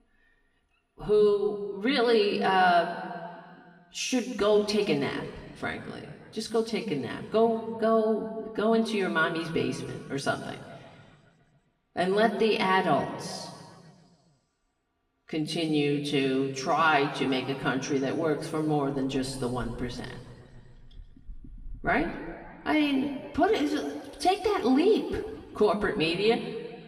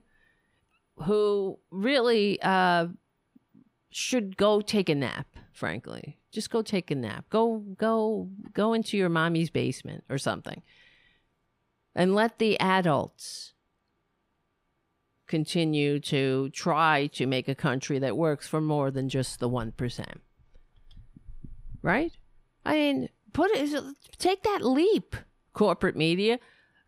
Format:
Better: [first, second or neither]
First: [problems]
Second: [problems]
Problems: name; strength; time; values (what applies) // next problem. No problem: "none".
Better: second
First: room echo; noticeable; dies away in 1.5 s // off-mic speech; somewhat distant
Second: none